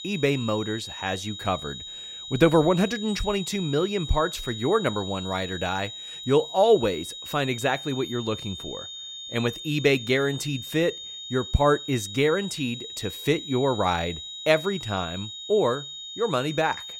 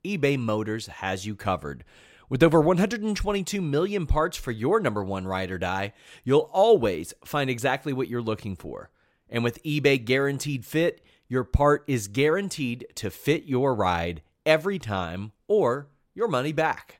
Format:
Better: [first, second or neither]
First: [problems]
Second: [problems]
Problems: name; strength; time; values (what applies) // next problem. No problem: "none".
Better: second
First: high-pitched whine; loud; throughout; 4 kHz, 10 dB below the speech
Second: none